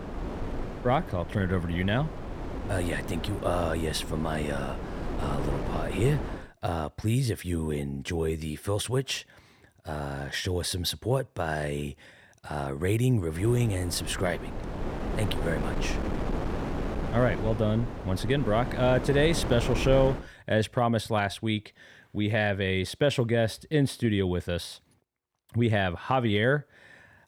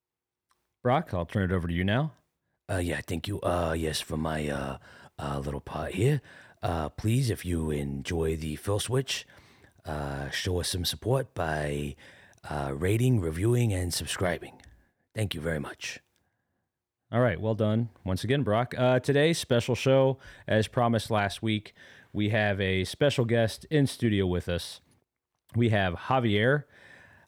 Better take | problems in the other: second | wind noise on the microphone; heavy; until 6.5 s and from 13 to 20 s; 8 dB below the speech

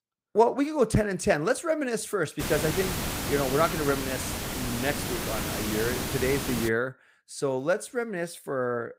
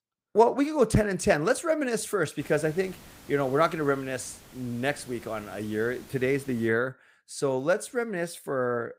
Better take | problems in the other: second | hiss; loud; from 2.5 to 6.5 s; 3 dB below the speech; faint in the second

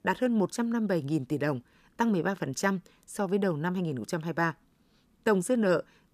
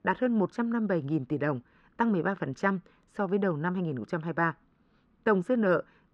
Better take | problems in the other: first | muffled; very; fading above 2.5 kHz

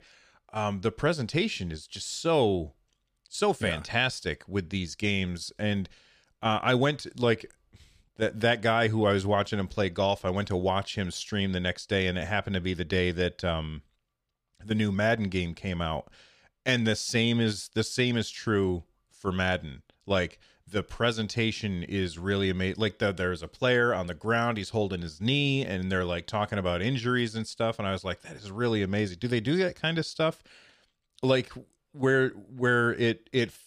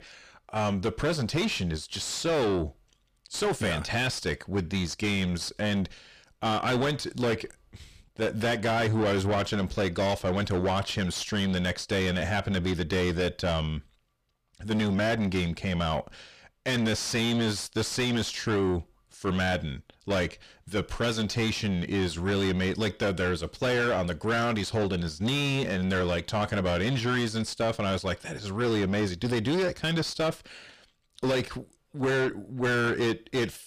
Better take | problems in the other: first | distortion; heavy; 5 dB below the speech

